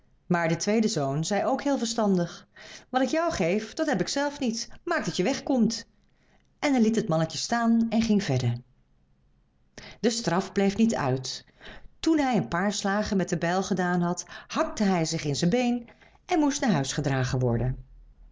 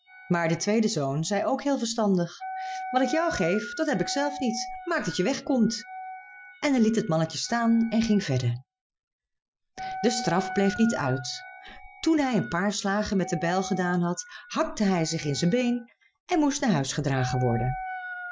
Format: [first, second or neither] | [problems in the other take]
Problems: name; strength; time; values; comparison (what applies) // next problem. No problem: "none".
first | noise reduction (classical method Wiener filter)